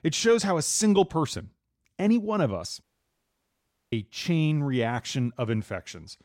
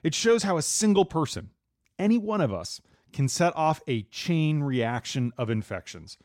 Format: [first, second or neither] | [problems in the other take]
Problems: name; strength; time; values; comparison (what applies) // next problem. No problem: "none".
second | audio cutting out; at 3 s for 1 s